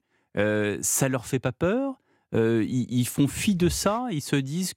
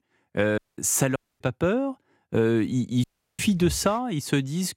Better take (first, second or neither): first